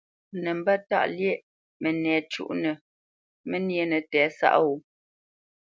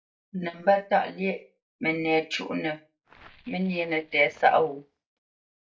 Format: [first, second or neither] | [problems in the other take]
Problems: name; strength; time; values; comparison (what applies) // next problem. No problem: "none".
first | noise reduction (neural mask model DeepFilterNet 3)